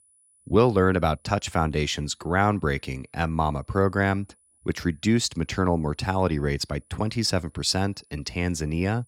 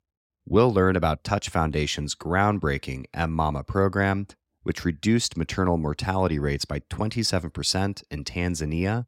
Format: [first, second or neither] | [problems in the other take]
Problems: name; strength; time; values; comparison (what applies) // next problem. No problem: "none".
second | high-pitched whine; faint; throughout; 10 kHz, 35 dB below the speech